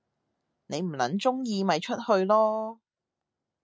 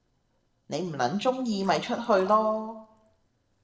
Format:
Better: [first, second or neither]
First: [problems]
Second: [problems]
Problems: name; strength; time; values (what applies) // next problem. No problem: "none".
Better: first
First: none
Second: noise reduction (neural separator model SepFormer DNS4)